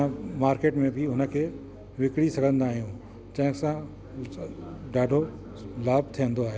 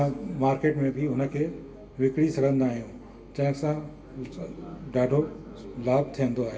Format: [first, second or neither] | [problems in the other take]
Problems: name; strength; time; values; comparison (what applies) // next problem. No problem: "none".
first | room echo; dies away in 0.8 s